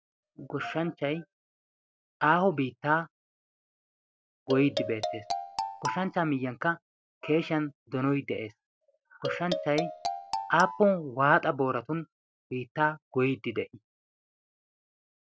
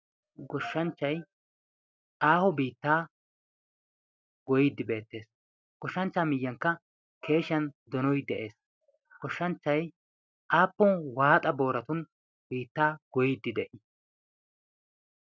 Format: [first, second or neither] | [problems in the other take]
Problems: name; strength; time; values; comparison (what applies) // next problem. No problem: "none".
second | background sound (Marimba, xylophone); 4 dB below the speech